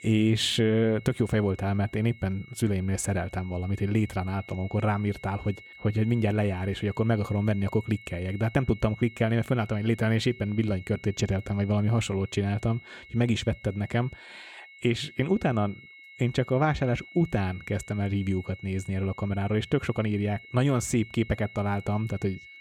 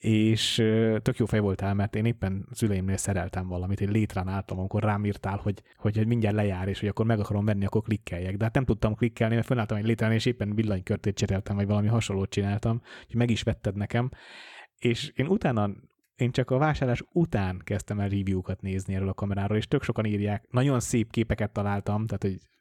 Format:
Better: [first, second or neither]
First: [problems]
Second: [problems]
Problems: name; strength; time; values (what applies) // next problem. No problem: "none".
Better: second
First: high-pitched whine; noticeable; throughout; 2 kHz, 20 dB below the speech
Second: none